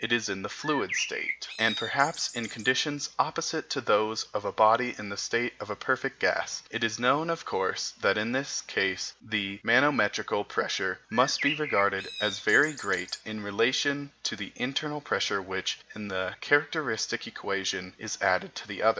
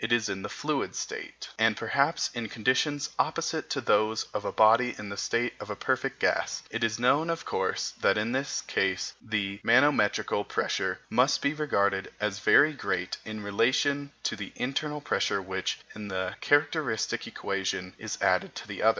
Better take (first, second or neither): second